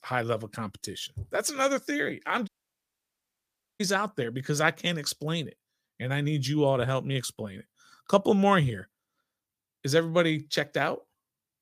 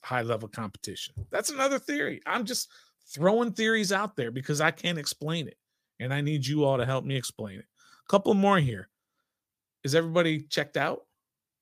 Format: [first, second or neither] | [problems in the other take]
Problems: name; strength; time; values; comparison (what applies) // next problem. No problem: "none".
second | audio cutting out; at 2.5 s for 1.5 s